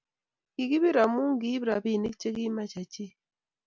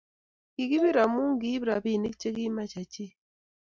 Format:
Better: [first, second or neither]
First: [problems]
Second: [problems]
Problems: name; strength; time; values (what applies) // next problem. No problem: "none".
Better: first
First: none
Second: noise reduction (neural mask model DeepFilterNet 3)